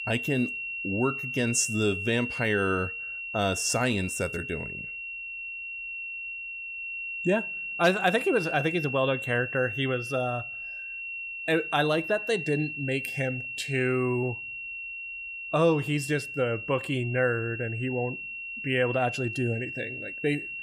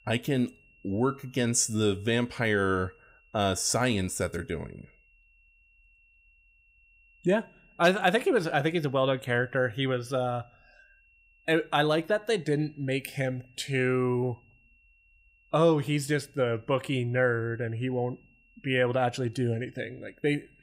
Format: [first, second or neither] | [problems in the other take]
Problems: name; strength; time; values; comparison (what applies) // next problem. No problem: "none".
second | high-pitched whine; loud; throughout; 2.5 kHz, 5 dB below the speech; faint in the second